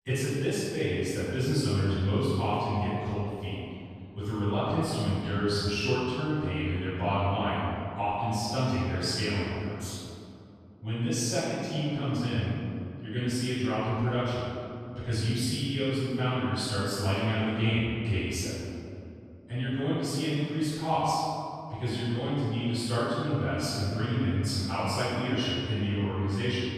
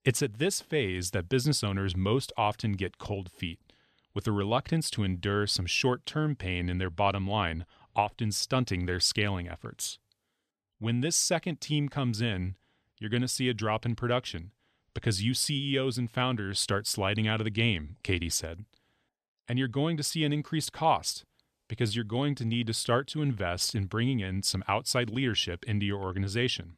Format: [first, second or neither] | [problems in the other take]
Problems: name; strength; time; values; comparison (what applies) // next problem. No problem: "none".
second | off-mic speech; far // room echo; strong; dies away in 2.5 s